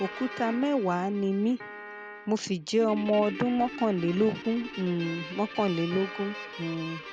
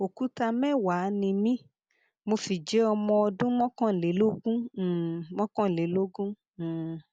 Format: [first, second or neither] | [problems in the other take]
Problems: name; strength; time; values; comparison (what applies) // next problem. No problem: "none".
second | background sound (Piano + Guitar); 12 dB below the speech